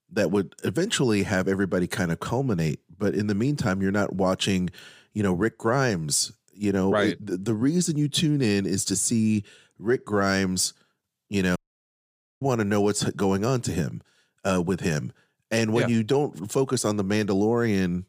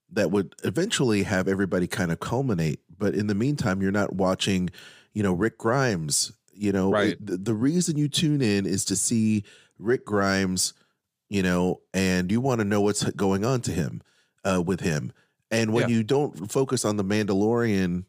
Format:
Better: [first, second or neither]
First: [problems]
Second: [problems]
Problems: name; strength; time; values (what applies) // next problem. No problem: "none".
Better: second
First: audio cutting out; at 12 s for 1 s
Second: none